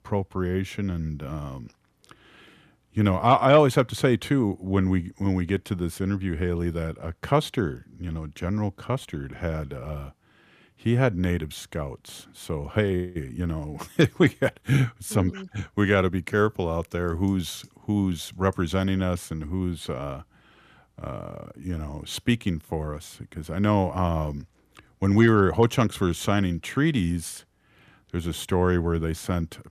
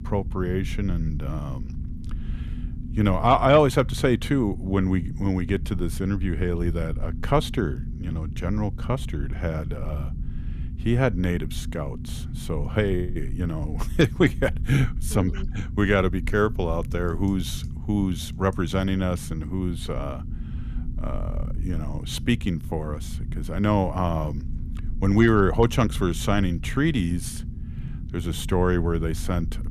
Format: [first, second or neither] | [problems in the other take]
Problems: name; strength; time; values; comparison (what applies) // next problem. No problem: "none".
first | low rumble; noticeable; throughout; 20 dB below the speech